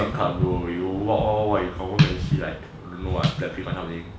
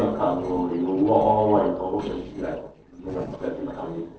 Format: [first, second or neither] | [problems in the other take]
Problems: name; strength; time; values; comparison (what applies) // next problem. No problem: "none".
first | noise reduction (neural separator model SepFormer DNS4)